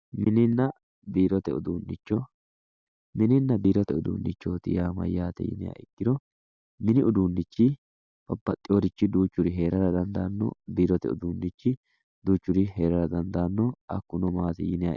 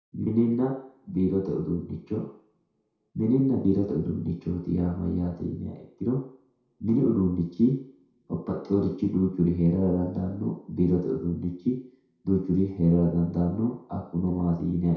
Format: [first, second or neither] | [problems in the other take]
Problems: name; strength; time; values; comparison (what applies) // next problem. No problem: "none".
first | room echo; dies away in 0.6 s